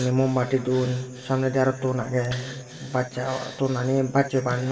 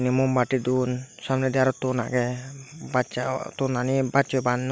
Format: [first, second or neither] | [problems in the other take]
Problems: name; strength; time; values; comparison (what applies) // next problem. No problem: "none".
second | background sound (Breathing); 19 dB below the speech // room echo; dies away in 2.2 s